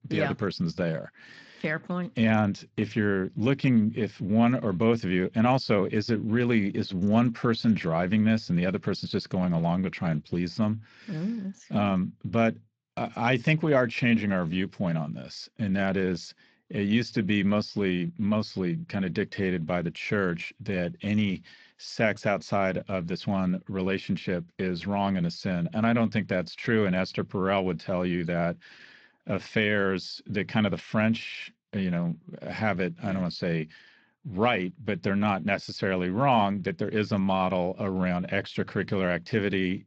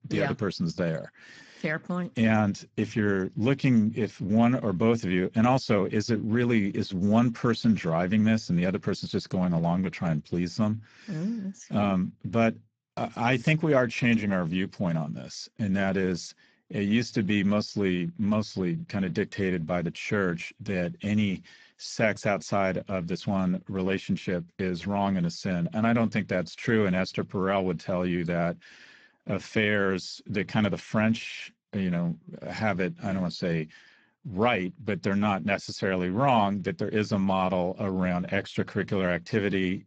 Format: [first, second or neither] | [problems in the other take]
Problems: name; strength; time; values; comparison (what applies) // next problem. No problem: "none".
first | garbled, watery; badly; nothing above 7.5 kHz; slightly in the first